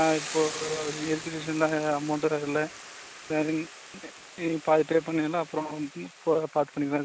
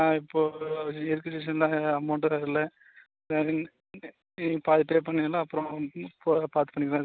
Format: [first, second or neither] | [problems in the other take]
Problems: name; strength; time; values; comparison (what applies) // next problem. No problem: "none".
second | background sound (Boiling / Hiss); 13 dB below the speech